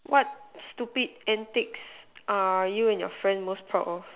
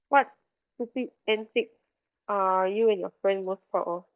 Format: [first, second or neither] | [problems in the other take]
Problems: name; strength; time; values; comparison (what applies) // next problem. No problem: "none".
first | noise reduction (neural mask model DeepFilterNet 3)